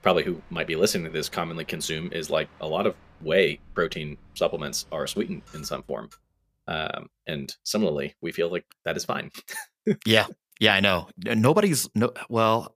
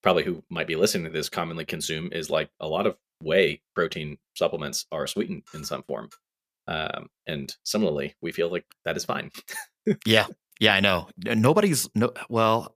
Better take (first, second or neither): second